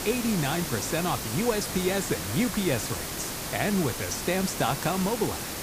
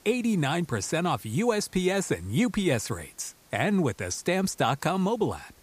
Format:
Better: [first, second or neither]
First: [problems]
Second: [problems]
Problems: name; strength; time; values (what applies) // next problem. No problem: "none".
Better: second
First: hiss; loud; throughout; 3 dB below the speech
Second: hiss; faint; throughout; 30 dB below the speech